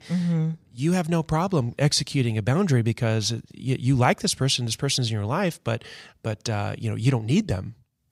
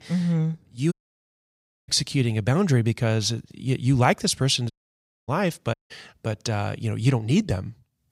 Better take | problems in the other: first | audio cutting out; at 1 s for 1 s, at 4.5 s for 0.5 s and at 5.5 s

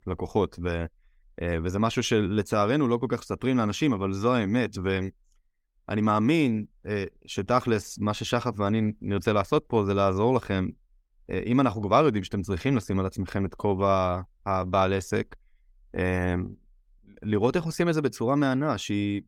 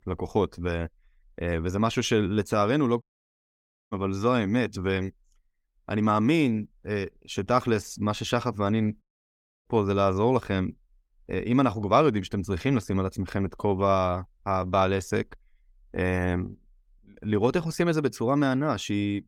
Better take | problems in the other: first | audio cutting out; at 3 s for 1 s and at 9 s for 0.5 s

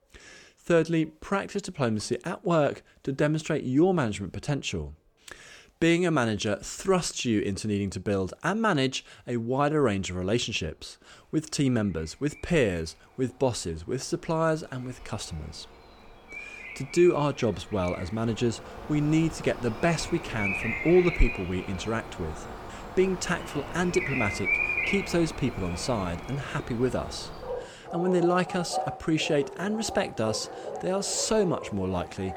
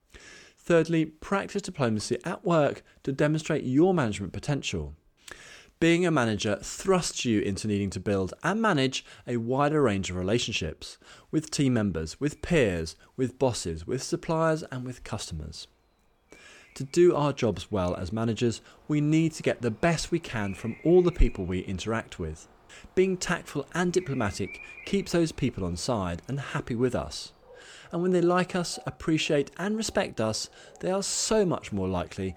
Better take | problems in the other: second | animal sounds; loud; throughout; 7 dB below the speech; faint in the second

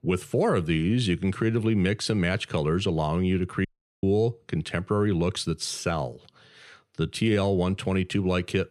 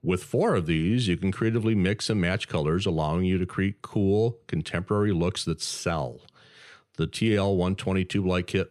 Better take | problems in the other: second | audio cutting out; at 3.5 s

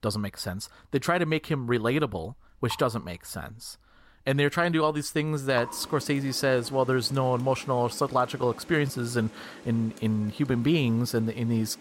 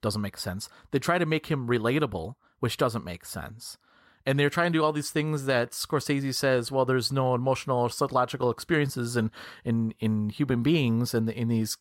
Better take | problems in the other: second | rain or running water; noticeable; throughout; 20 dB below the speech

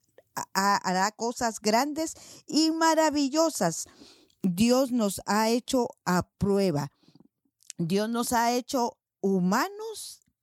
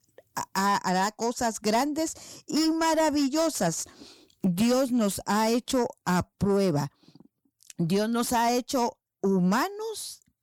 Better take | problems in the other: first | distortion; slight; 10 dB below the speech

